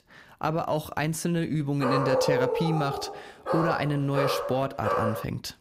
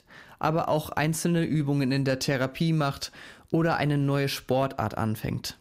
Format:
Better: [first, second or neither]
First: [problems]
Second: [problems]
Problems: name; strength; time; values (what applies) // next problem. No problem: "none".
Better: second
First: dog barking; loud; from 2 s on; peak 4 dB above the speech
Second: none